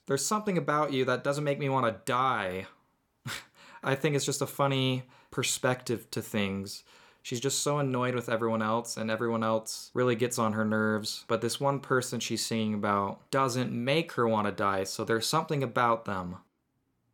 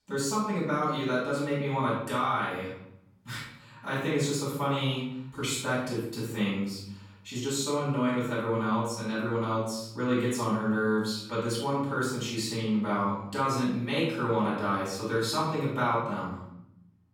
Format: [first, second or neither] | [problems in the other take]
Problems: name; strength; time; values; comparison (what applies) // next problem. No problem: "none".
first | off-mic speech; far // room echo; noticeable; dies away in 0.7 s